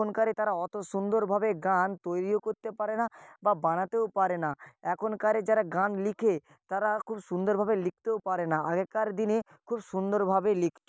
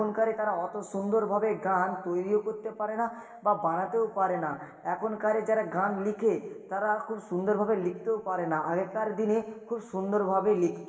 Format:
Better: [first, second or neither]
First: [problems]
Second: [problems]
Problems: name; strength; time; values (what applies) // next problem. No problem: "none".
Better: first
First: none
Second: room echo; dies away in 1.3 s